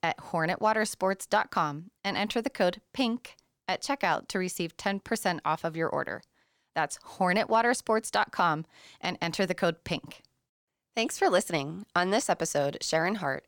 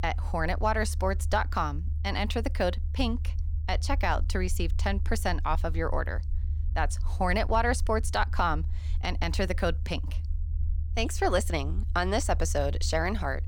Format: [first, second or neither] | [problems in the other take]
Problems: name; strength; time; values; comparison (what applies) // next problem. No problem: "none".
first | low rumble; faint; throughout; 20 dB below the speech